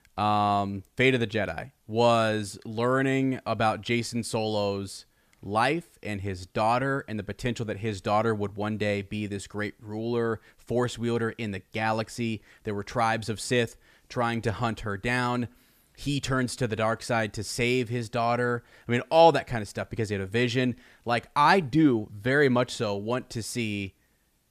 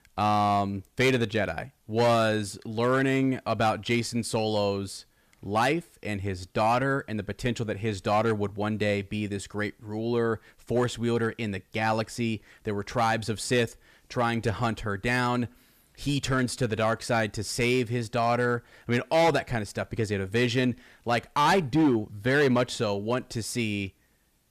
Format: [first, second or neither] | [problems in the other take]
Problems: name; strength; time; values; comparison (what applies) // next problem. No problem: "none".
first | distortion; slight; 3% of the sound clipped